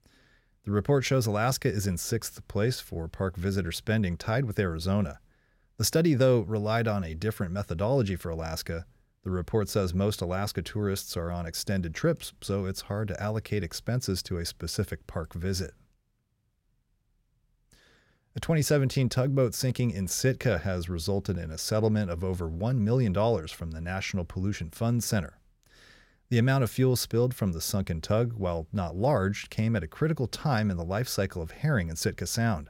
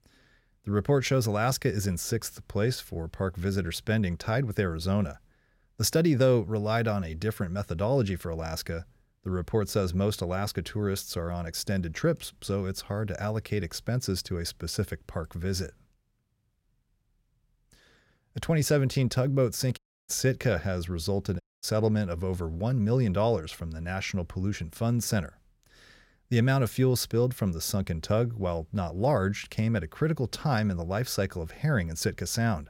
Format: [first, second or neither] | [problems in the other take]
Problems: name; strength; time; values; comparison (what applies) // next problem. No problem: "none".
first | audio cutting out; at 20 s and at 21 s